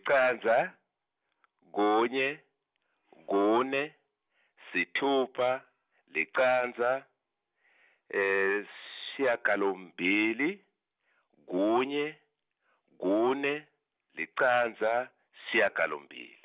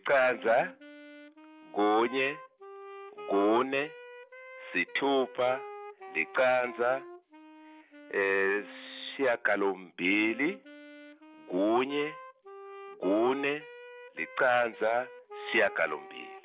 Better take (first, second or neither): first